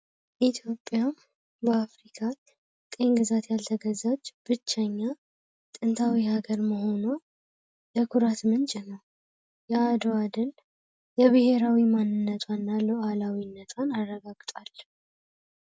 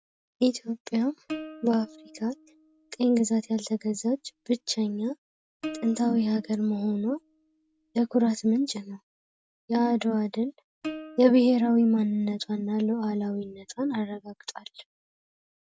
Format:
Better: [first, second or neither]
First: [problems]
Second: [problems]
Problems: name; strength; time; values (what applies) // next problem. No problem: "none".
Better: first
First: none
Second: background sound (Plucked string instrument); 17 dB below the speech